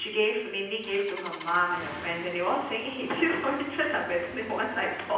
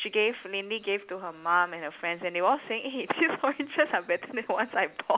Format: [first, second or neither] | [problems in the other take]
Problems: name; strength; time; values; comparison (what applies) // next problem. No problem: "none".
second | background sound (Engine starting); 15 dB below the speech // room echo; dies away in 0.9 s